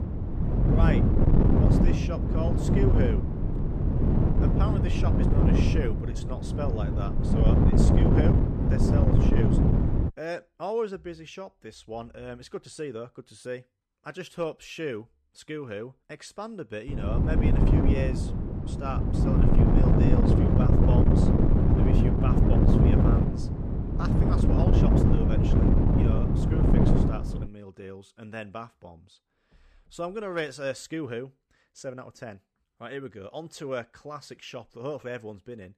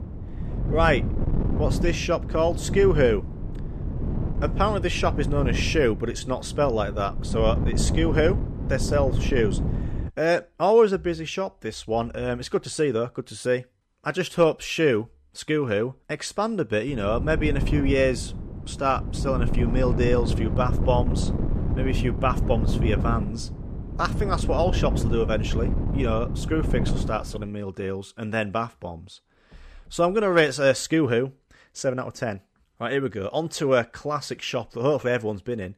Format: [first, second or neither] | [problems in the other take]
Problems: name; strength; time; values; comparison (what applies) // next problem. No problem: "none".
second | wind noise on the microphone; heavy; until 10 s and from 17 to 27 s; 5 dB above the speech; occasional gusts in the second